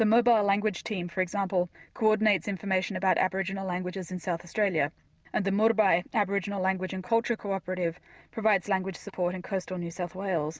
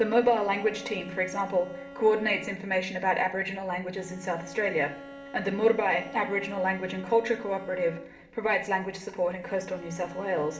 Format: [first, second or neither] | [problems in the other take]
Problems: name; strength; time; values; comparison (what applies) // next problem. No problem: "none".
first | background sound (Bowed string instrument); 16 dB below the speech // room echo; dies away in 1.8 s